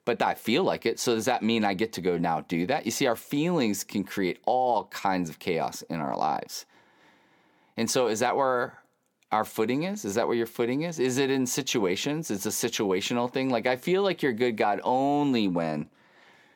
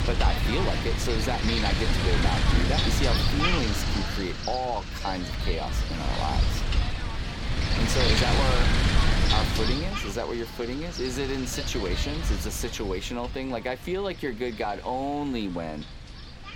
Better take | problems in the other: first | wind noise on the microphone; heavy; 2 dB above the speech

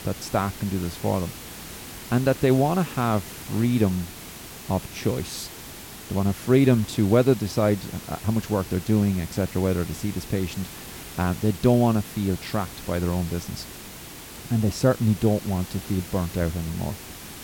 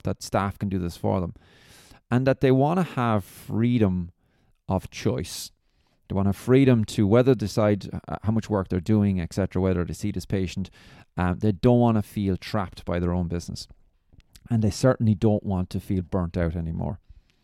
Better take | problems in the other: second | hiss; noticeable; throughout; 15 dB below the speech

